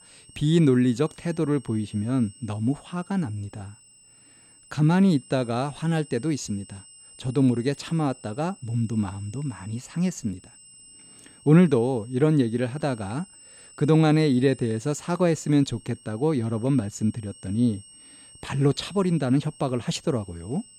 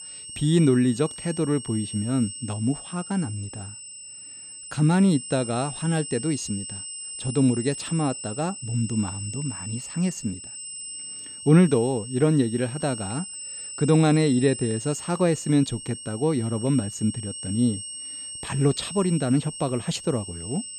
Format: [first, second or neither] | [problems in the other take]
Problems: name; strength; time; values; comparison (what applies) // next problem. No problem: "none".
first | high-pitched whine; loud; throughout; 8 kHz, 10 dB below the speech; faint in the first